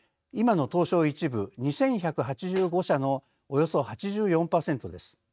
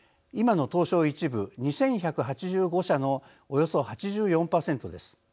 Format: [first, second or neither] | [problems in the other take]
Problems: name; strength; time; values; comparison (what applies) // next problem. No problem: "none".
second | noise reduction (neural mask model RNNoise)